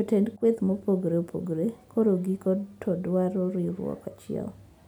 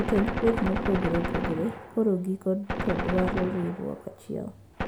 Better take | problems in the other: first | background sound (Gunshot, gunfire); 3 dB below the speech

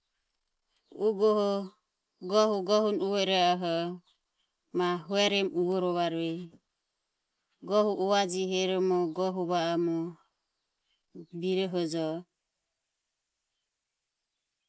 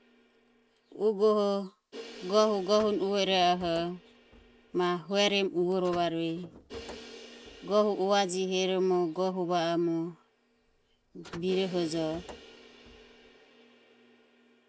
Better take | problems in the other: first | background sound (Crash cymbal + Car); 20 dB below the speech

